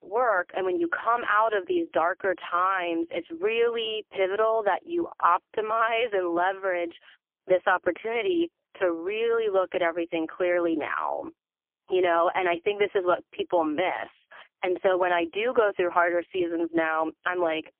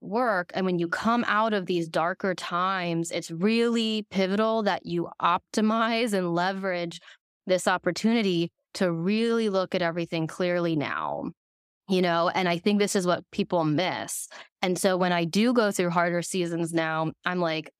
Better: second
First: phone-call audio; poor line; nothing above 3.5 kHz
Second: none

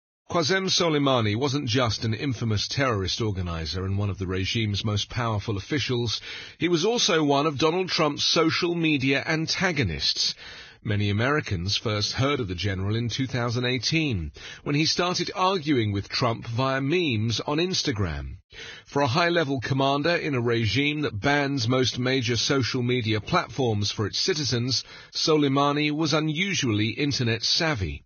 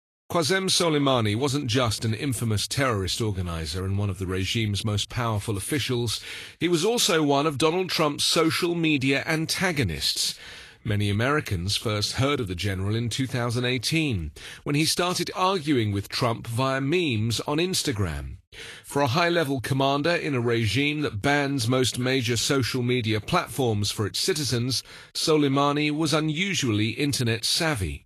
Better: second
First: garbled, watery; badly; nothing above 6.5 kHz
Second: garbled, watery; slightly; nothing above 12.5 kHz

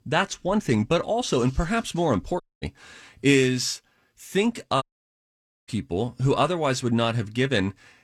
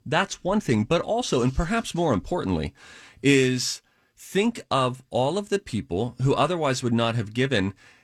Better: second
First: audio cutting out; at 2.5 s and at 5 s for 1 s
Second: none

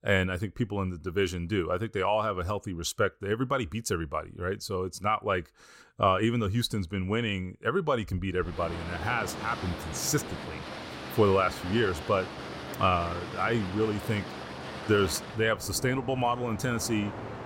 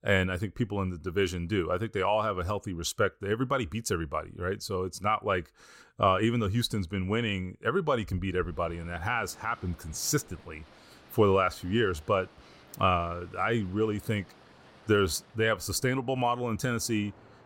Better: second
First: train or aircraft noise; loud; from 8.5 s on; 10 dB below the speech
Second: train or aircraft noise; faint; from 8.5 s on; 25 dB below the speech

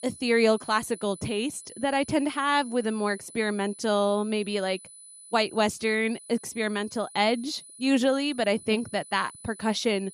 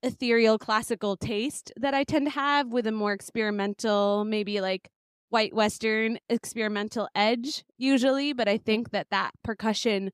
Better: second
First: high-pitched whine; noticeable; throughout; 10 kHz, 20 dB below the speech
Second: none

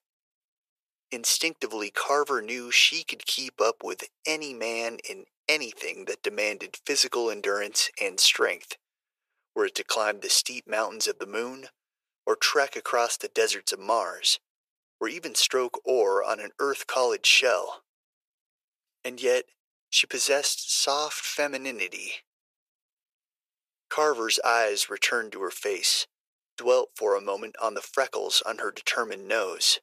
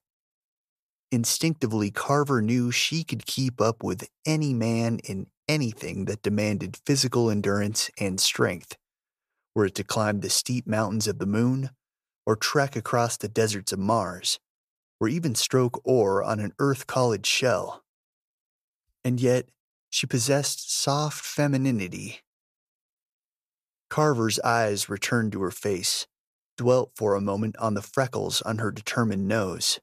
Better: second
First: thin; very; fading below 400 Hz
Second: none

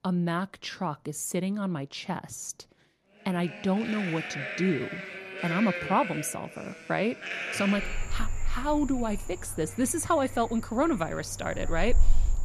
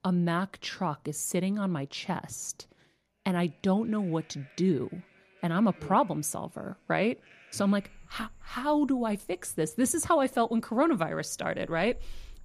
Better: second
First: animal sounds; loud; from 3 s on; 6 dB below the speech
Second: animal sounds; faint; from 3 s on; 30 dB below the speech

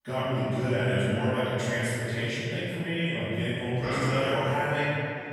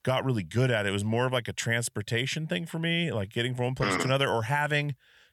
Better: second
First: off-mic speech; far // room echo; strong; dies away in 2.5 s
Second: none

